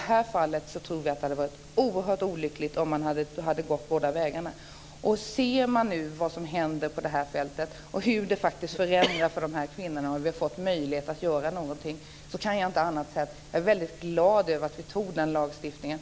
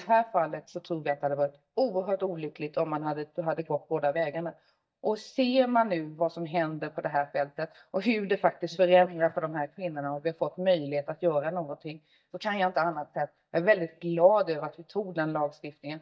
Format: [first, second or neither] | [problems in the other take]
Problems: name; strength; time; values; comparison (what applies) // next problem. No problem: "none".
first | noise reduction (neural mask model DeepFilterNet 3)